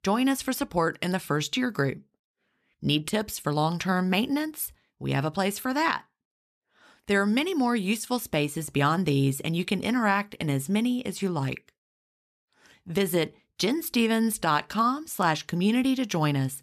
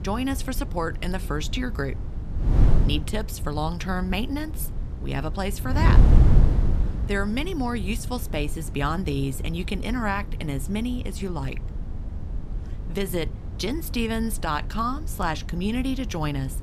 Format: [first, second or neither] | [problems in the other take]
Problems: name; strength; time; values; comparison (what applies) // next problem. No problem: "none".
first | wind noise on the microphone; occasional gusts; 10 dB below the speech